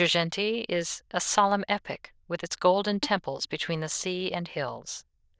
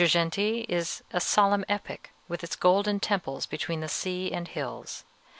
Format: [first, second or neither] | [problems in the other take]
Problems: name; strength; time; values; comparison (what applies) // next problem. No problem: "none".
second | noise reduction (neural diffusion model UNIVERSE++)